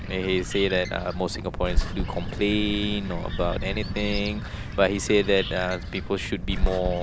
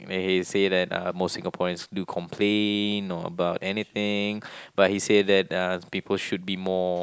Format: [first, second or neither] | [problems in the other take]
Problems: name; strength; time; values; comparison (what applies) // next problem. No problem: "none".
second | background sound (Bird); 3 dB below the speech